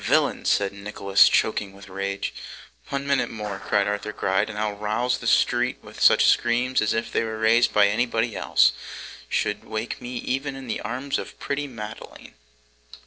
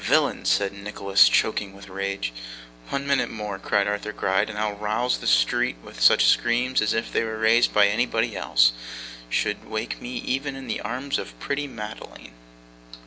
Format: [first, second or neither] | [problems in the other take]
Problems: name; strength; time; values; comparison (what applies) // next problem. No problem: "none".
second | noise reduction (neural separator model SepFormer DNS4)